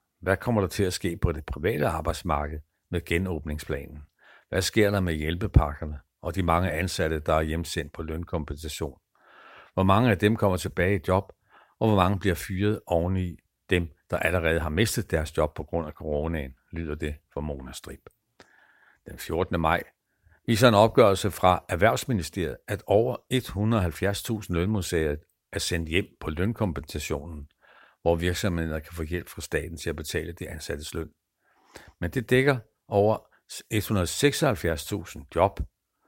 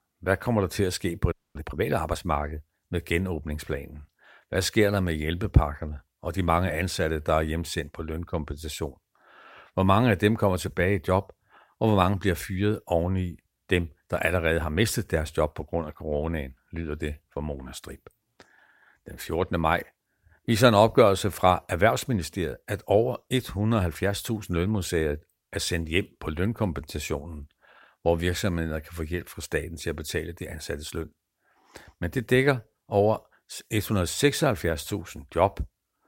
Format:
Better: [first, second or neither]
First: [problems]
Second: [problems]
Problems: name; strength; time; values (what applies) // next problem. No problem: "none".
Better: first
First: none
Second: audio freezing; at 1.5 s